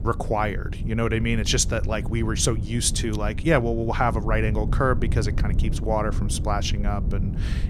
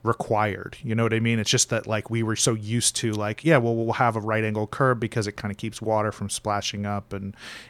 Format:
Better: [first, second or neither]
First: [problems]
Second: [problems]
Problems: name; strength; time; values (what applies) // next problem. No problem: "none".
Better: second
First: wind noise on the microphone; occasional gusts; 15 dB below the speech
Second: none